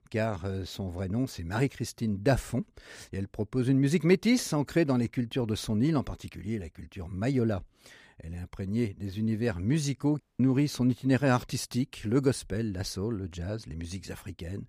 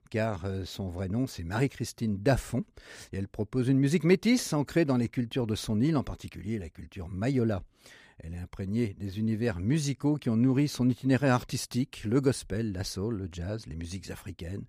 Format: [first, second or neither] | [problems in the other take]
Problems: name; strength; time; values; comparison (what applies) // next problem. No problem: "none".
second | audio cutting out; at 10 s